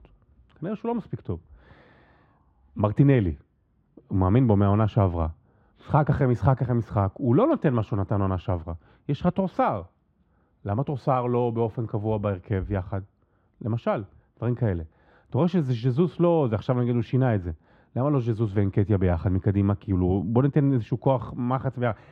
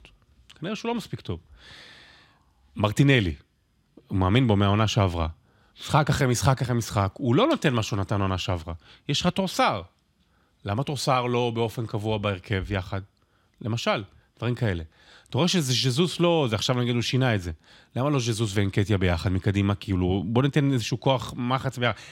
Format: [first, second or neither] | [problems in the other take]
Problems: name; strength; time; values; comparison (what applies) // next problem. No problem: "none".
second | muffled; very; fading above 2.5 kHz